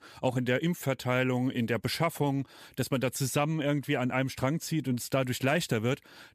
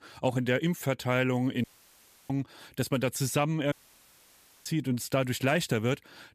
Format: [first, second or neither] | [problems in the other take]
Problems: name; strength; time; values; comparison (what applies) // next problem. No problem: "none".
first | audio cutting out; at 1.5 s for 0.5 s and at 3.5 s for 1 s